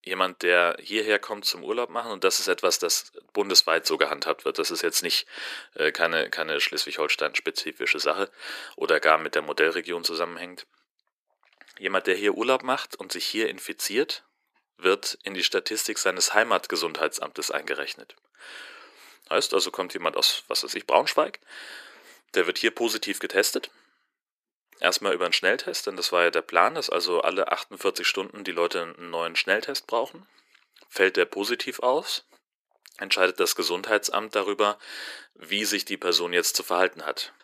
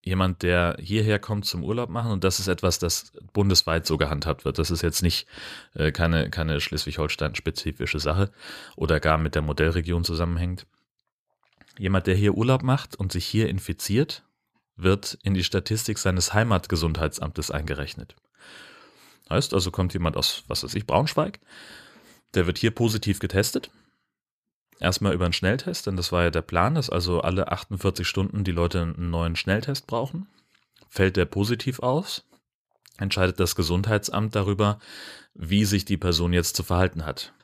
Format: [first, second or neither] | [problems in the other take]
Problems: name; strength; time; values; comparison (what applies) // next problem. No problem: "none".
second | thin; very; fading below 350 Hz